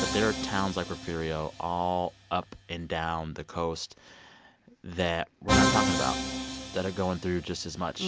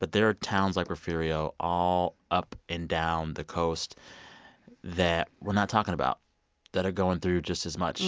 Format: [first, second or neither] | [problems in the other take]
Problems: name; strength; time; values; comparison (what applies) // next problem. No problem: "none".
second | background sound (Musical instrument); 2 dB below the speech